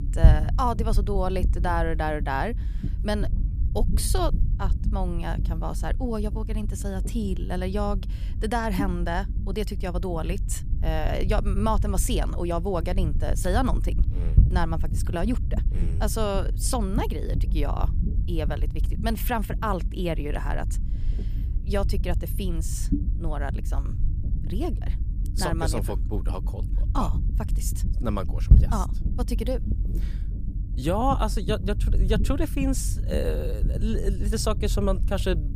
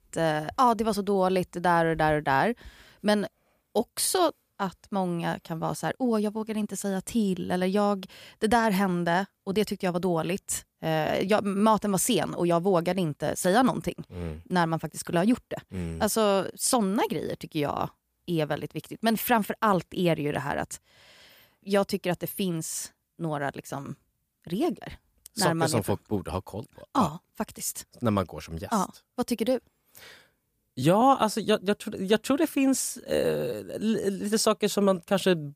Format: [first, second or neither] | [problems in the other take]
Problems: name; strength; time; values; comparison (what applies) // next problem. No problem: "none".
second | low rumble; noticeable; throughout; 15 dB below the speech